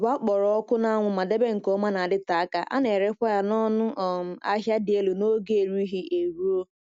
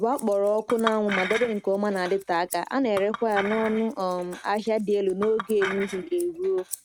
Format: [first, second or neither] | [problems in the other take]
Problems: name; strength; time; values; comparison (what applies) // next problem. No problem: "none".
first | noise reduction (neural mask model RNNoise)